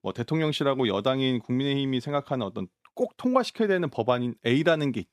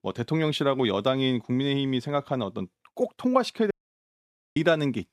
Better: first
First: none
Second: audio cutting out; at 3.5 s for 1 s

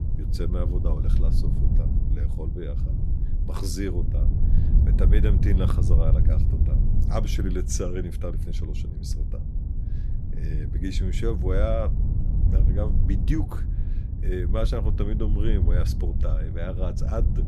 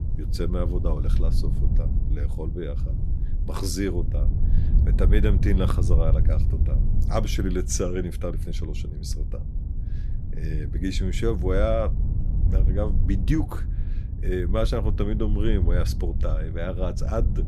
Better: second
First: wind noise on the microphone; heavy; 6 dB below the speech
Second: wind noise on the microphone; occasional gusts; 10 dB below the speech

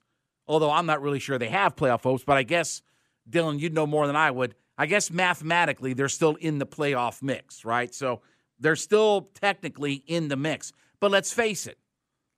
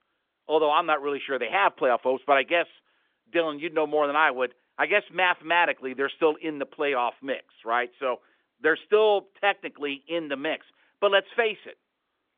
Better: first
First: none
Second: phone-call audio; nothing above 3.5 kHz

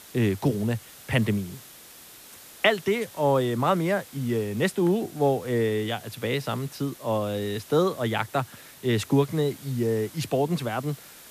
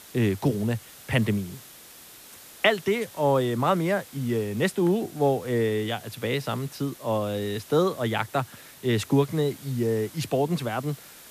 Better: neither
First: hiss; noticeable; throughout; 20 dB below the speech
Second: hiss; noticeable; throughout; 20 dB below the speech

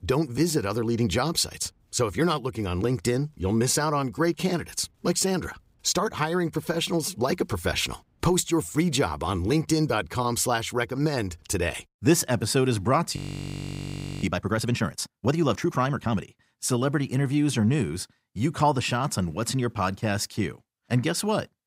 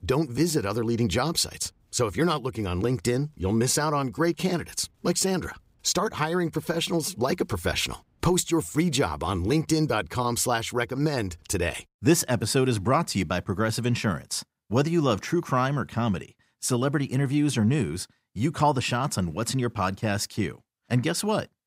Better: second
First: audio freezing; at 13 s for 1 s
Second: none

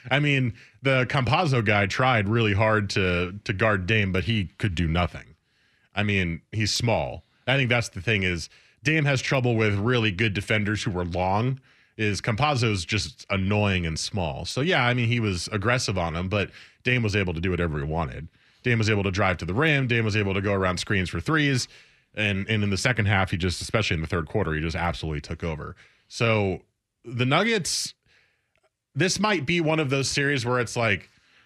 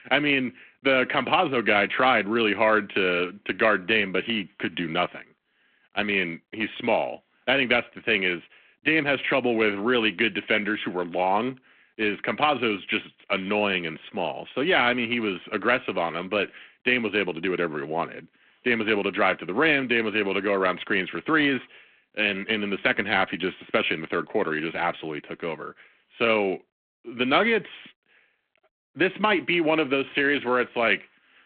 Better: first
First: none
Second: phone-call audio

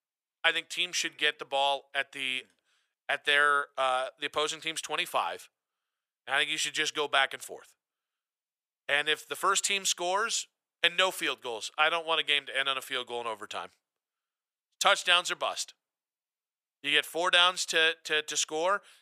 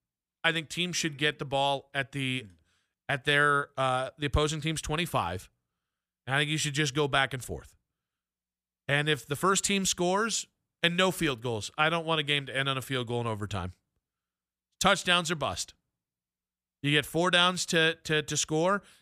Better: second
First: thin; very; fading below 600 Hz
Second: none

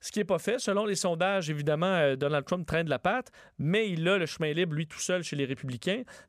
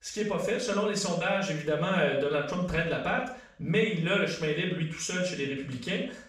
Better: first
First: none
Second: room echo; noticeable; dies away in 0.5 s // off-mic speech; far

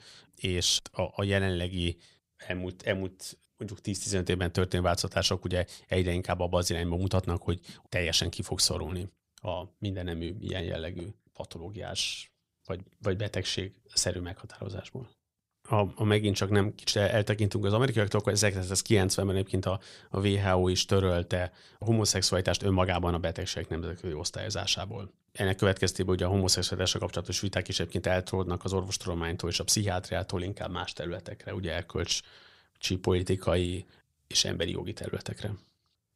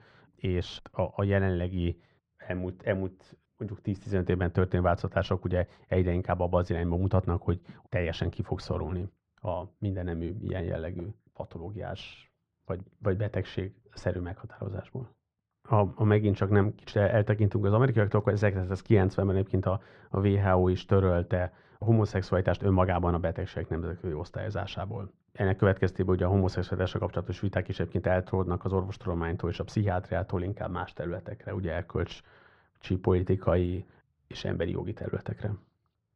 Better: first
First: none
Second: muffled; very; fading above 1.5 kHz

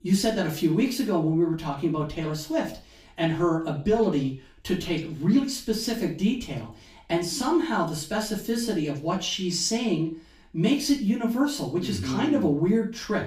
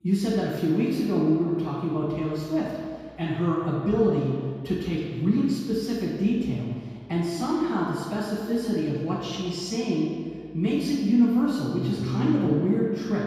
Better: first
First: room echo; slight; dies away in 0.4 s // off-mic speech; far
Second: room echo; strong; dies away in 2 s // off-mic speech; far

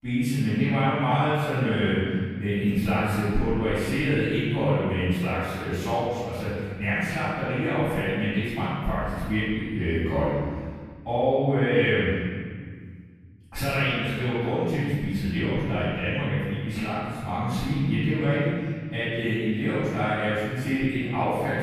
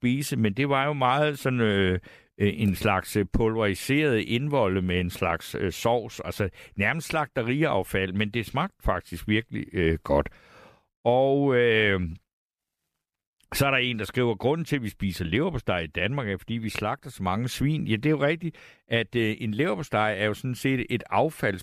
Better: second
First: off-mic speech; far // room echo; strong; dies away in 1.9 s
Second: none

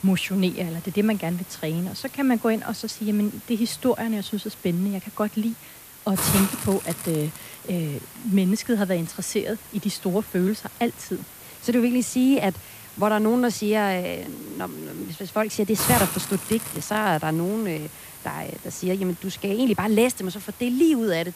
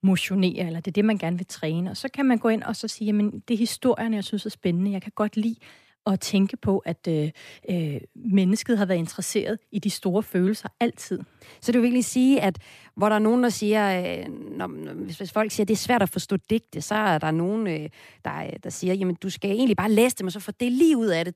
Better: second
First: hiss; loud; throughout; 10 dB below the speech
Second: none

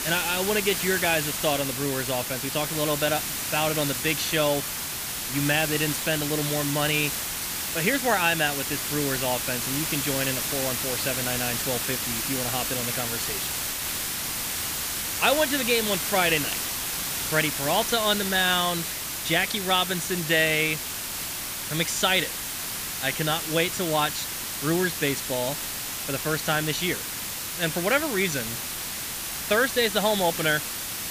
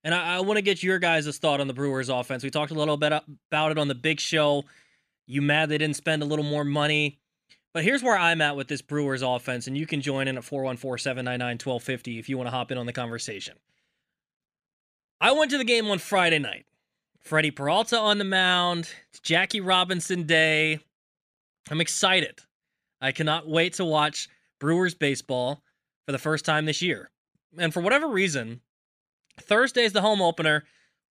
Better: second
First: hiss; loud; throughout; 2 dB below the speech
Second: none

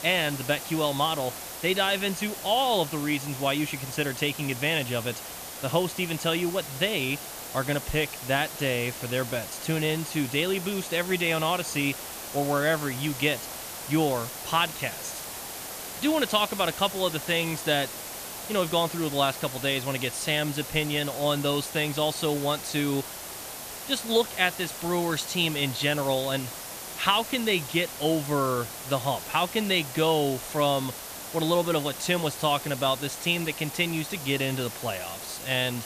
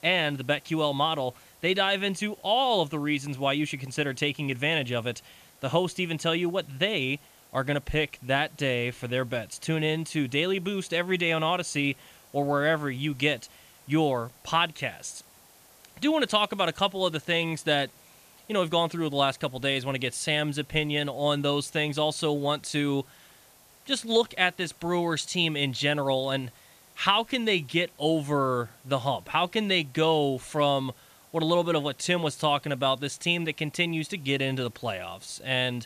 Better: second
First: hiss; loud; throughout; 9 dB below the speech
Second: hiss; faint; throughout; 25 dB below the speech

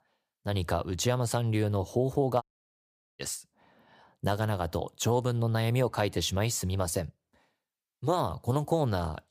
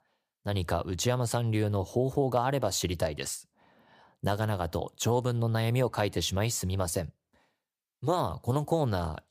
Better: second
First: audio cutting out; at 2.5 s for 1 s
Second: none

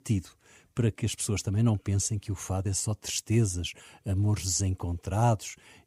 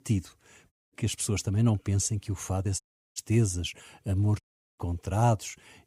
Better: first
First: none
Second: audio cutting out; at 0.5 s, at 3 s and at 4.5 s

